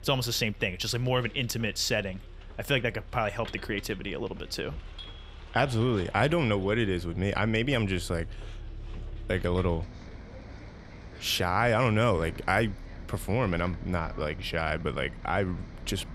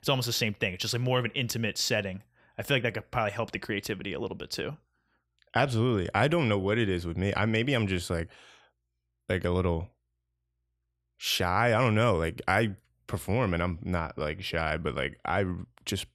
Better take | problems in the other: second | traffic noise; noticeable; throughout; 15 dB below the speech

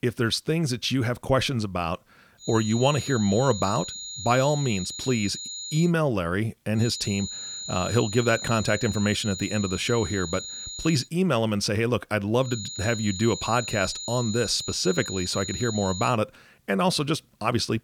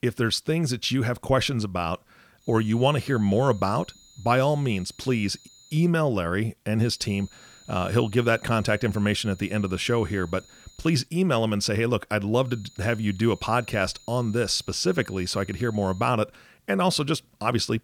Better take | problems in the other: second | high-pitched whine; loud; from 2.5 to 6 s, from 7 to 11 s and from 12 to 16 s; 7 kHz, 8 dB below the speech; faint in the second

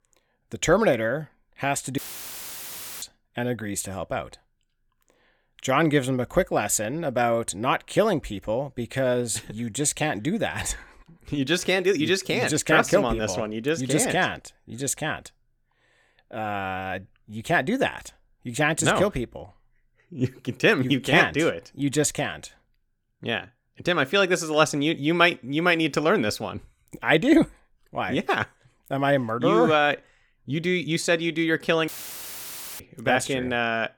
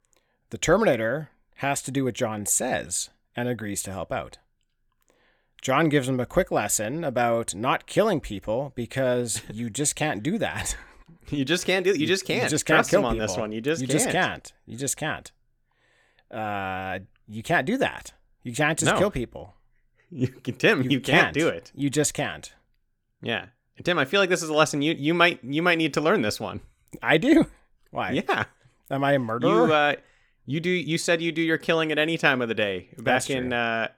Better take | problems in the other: second | audio cutting out; filled with static; at 2 s for 1 s and at 32 s for 1 s

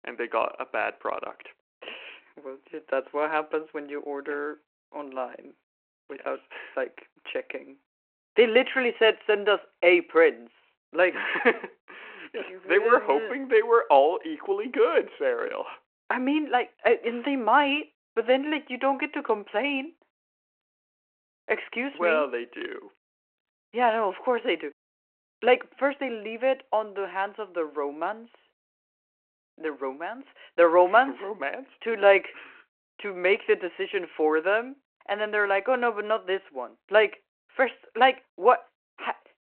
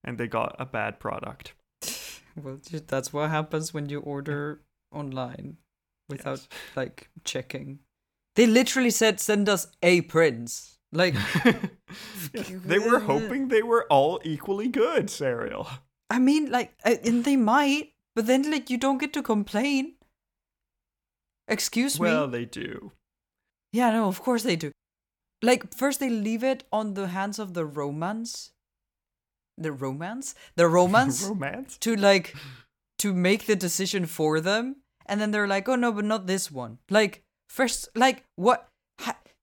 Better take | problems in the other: second | phone-call audio

